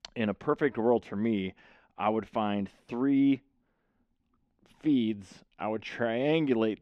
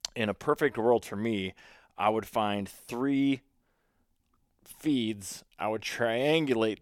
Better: second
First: muffled; slightly; fading above 3 kHz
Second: none

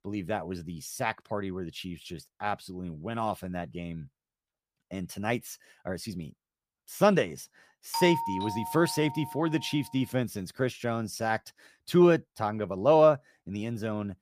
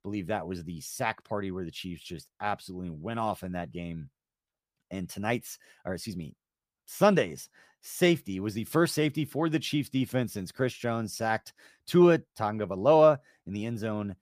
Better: second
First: doorbell; noticeable; from 8 to 9.5 s; peak 2 dB below the speech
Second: none

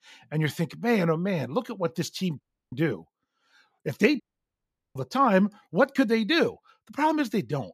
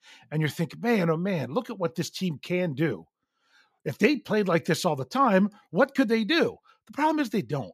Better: second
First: audio cutting out; at 2.5 s and at 4 s for 1 s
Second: none

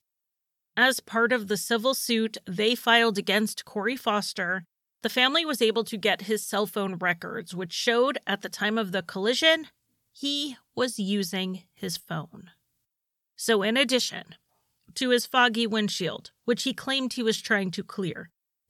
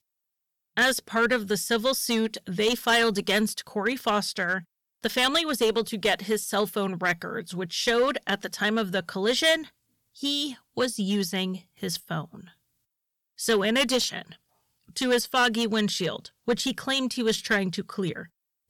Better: first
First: none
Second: distortion; slight; 3% of the sound clipped

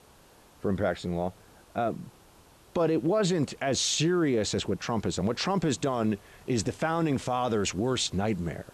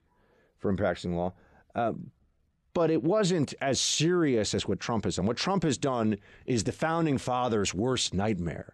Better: second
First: hiss; faint; throughout; 25 dB below the speech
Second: none

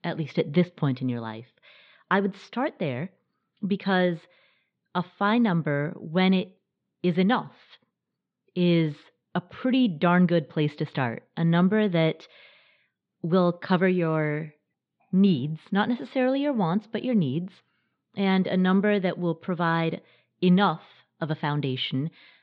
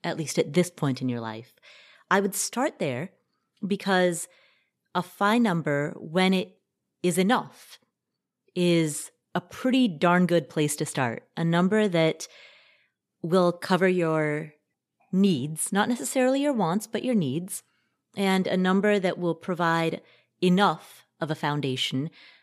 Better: second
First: muffled; slightly; fading above 4 kHz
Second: none

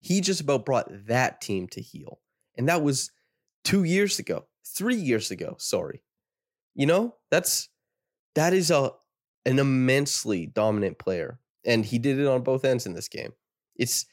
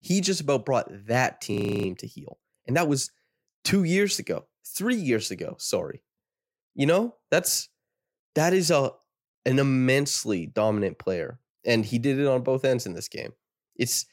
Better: first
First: none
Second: audio freezing; at 1.5 s

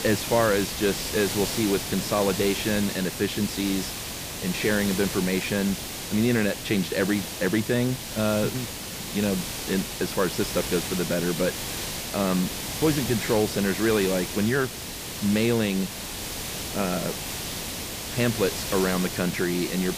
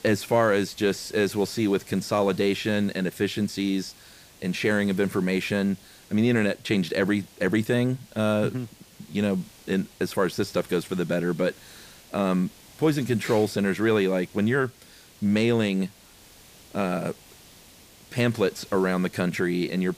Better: second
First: hiss; loud; throughout; 5 dB below the speech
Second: hiss; faint; throughout; 25 dB below the speech

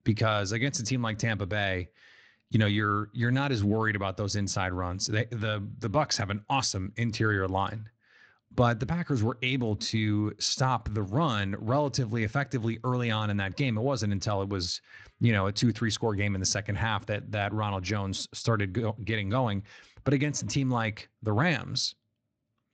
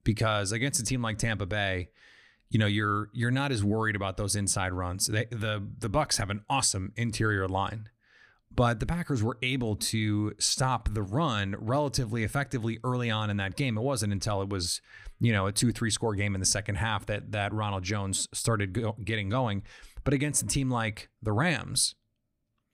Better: second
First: garbled, watery; slightly; nothing above 7.5 kHz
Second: none

